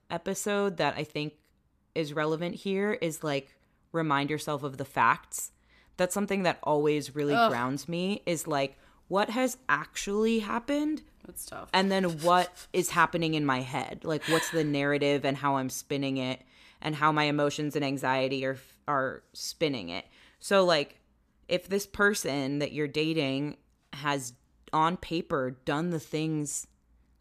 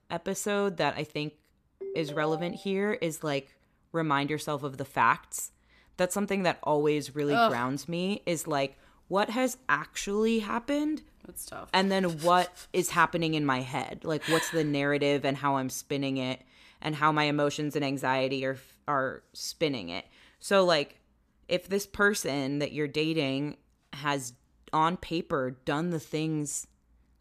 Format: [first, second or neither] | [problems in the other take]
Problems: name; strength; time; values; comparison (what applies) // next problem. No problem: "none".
first | phone ringing; faint; at 2 s; peak 10 dB below the speech